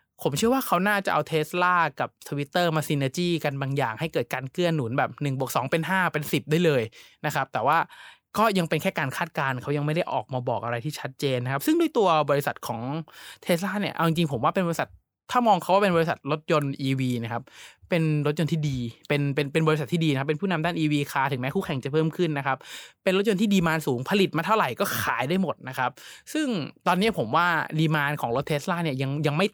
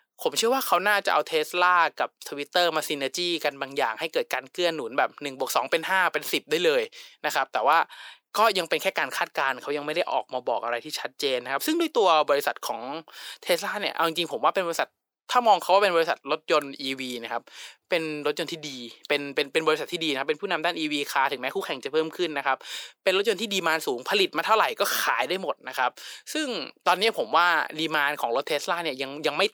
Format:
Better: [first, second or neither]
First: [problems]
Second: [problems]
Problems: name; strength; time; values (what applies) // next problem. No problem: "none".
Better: first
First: none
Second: thin; somewhat; fading below 350 Hz